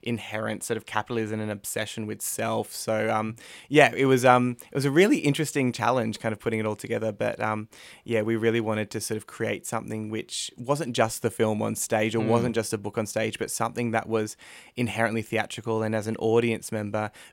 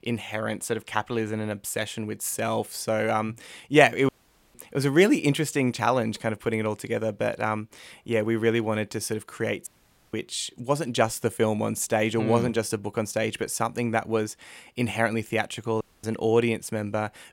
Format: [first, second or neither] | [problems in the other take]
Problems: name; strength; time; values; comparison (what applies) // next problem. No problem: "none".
first | audio cutting out; at 4 s, at 9.5 s and at 16 s